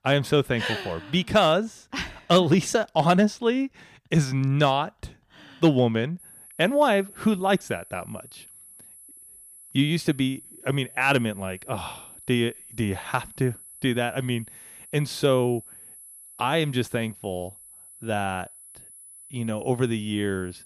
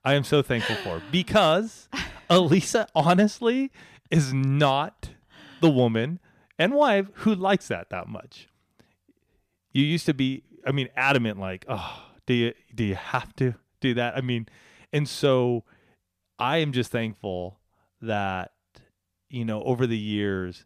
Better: second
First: high-pitched whine; noticeable; from 6 s on; 10 kHz, 20 dB below the speech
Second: none

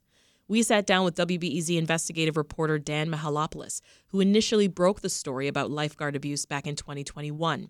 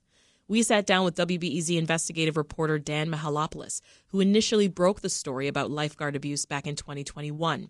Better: first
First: none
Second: garbled, watery; slightly; nothing above 10.5 kHz

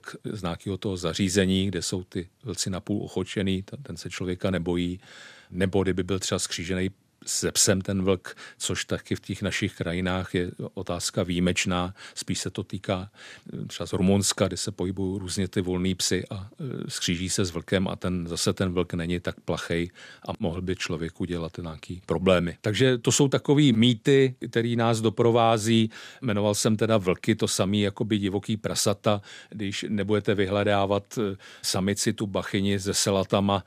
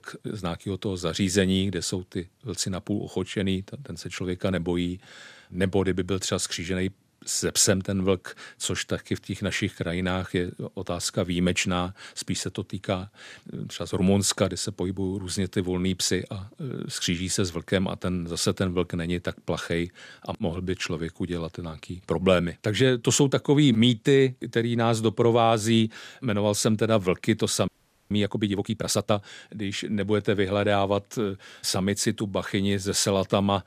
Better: first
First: none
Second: audio freezing; at 28 s

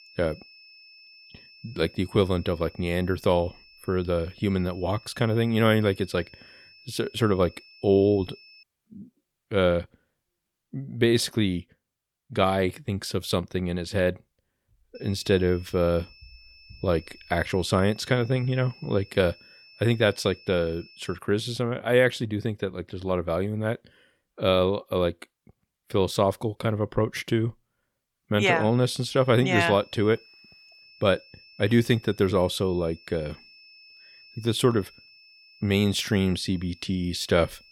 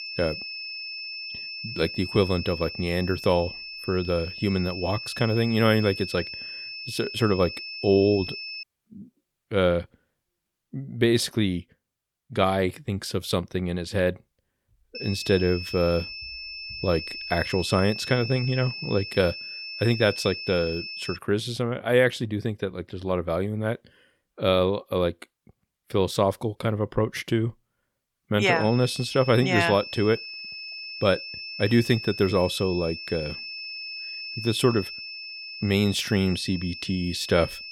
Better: first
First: high-pitched whine; faint; until 8.5 s, from 15 to 21 s and from 28 s on; 2.5 kHz, 25 dB below the speech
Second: high-pitched whine; loud; until 8.5 s, from 15 to 21 s and from 28 s on; 2.5 kHz, 9 dB below the speech

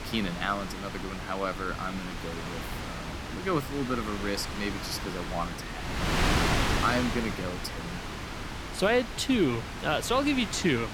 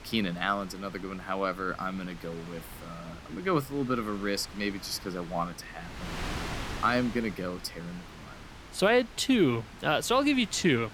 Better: second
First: wind noise on the microphone; heavy; 3 dB below the speech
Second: wind noise on the microphone; occasional gusts; 15 dB below the speech

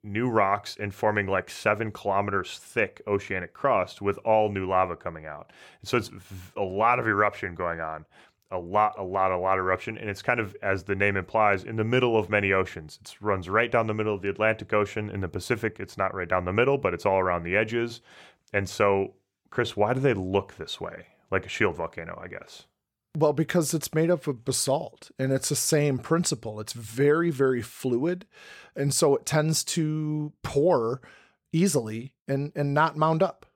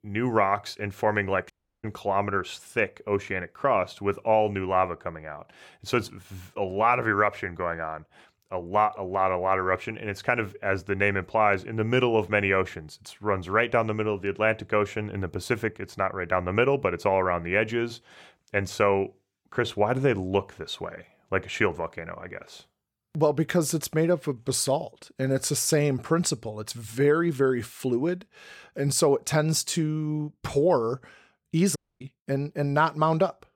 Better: first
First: none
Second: audio cutting out; at 1.5 s and at 32 s

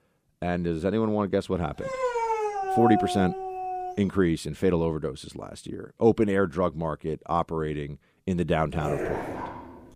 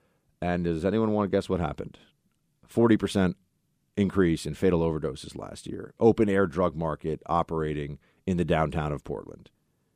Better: second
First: dog barking; loud; from 2 to 4 s; peak 1 dB above the speech // dog barking; noticeable; from 8.5 s on; peak 4 dB below the speech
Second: none

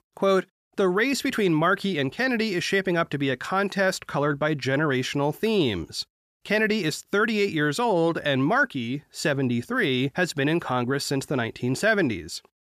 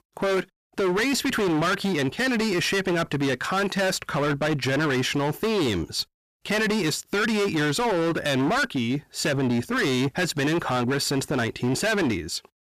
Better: first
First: none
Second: distortion; heavy; 27% of the sound clipped

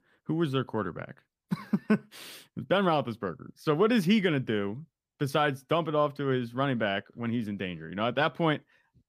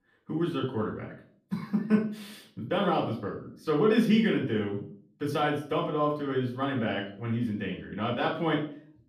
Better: first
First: none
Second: off-mic speech; far // room echo; slight; dies away in 0.4 s

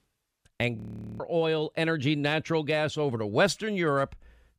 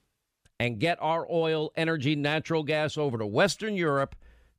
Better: second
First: audio freezing; at 1 s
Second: none

